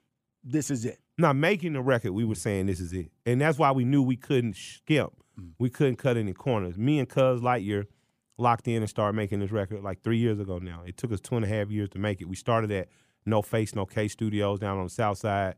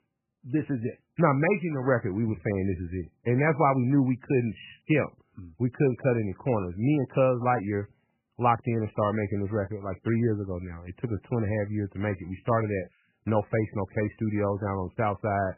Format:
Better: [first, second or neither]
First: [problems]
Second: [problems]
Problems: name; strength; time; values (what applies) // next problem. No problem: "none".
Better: first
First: none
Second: garbled, watery; badly; nothing above 2.5 kHz